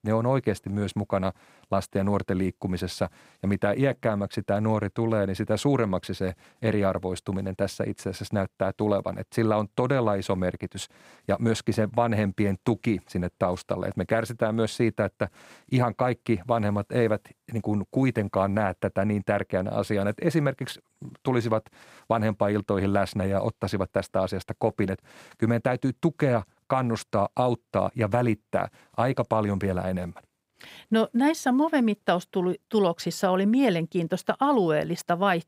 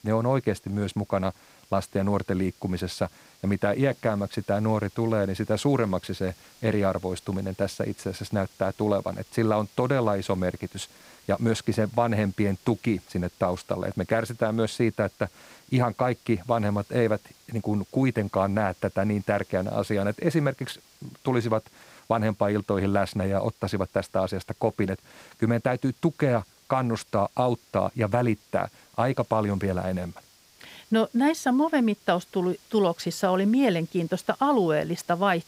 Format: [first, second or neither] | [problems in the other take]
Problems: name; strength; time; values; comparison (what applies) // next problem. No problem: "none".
first | hiss; faint; throughout; 25 dB below the speech